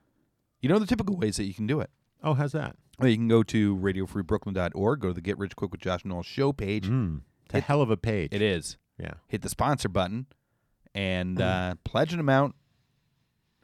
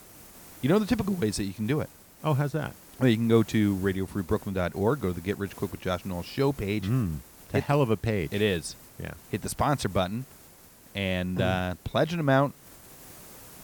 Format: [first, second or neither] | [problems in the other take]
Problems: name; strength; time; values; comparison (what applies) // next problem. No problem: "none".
first | hiss; faint; throughout; 20 dB below the speech